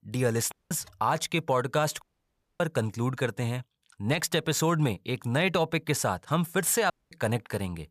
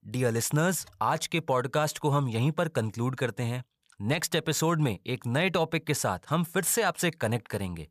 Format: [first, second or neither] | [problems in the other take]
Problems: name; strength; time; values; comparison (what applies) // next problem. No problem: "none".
second | audio cutting out; at 0.5 s, at 2 s for 0.5 s and at 7 s